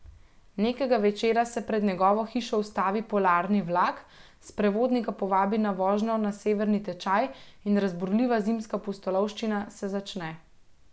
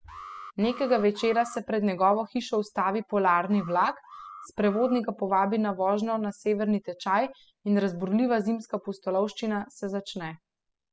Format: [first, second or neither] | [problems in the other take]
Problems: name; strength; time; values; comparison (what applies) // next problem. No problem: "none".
first | noise reduction (classical method spectral subtraction)